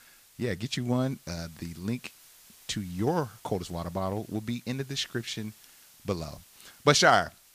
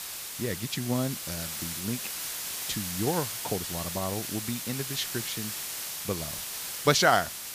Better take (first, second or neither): first